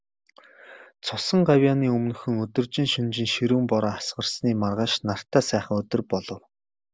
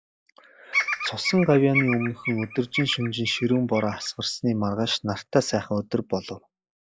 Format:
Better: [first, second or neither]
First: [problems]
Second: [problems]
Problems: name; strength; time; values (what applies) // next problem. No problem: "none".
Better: first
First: none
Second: noise reduction (classical method log-MMSE)